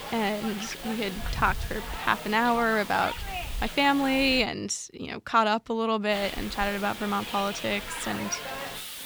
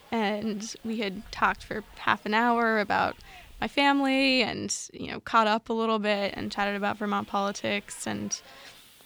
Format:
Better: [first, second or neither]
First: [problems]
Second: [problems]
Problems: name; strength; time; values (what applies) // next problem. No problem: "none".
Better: second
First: hiss; loud; until 4.5 s and from 6 s on; 9 dB below the speech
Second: hiss; faint; until 4.5 s and from 6 s on; 25 dB below the speech